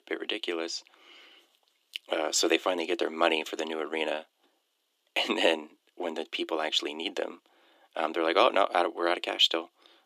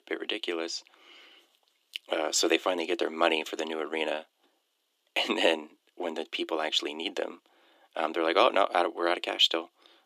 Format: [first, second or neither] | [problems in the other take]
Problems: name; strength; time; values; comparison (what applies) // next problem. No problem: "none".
neither | thin; very; fading below 300 Hz; the same in both